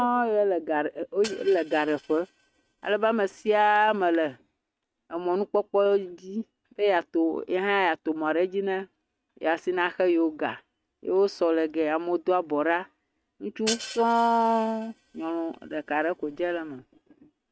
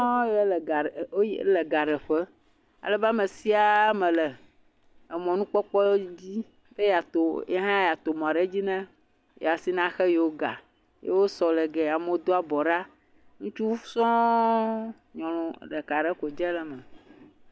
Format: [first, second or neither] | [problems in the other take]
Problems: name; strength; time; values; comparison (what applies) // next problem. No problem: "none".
second | noise reduction (neural mask model RNNoise)